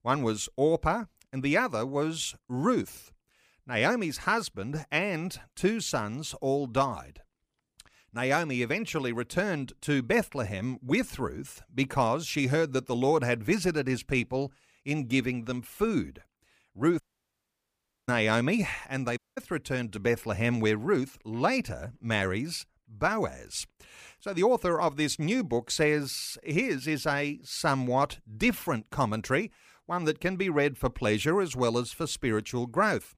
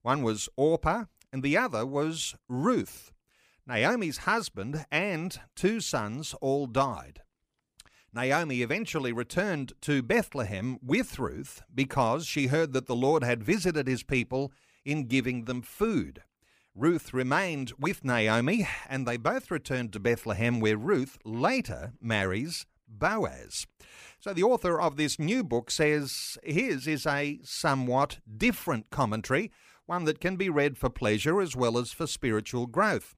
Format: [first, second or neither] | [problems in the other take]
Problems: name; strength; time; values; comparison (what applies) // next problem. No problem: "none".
second | audio cutting out; at 17 s for 1 s and at 19 s